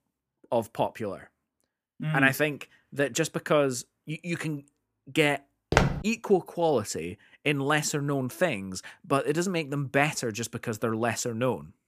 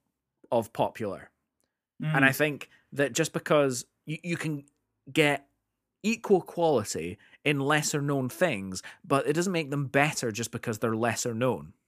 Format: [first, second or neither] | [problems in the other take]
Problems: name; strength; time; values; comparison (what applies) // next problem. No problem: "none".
second | footsteps; loud; at 5.5 s; peak 3 dB above the speech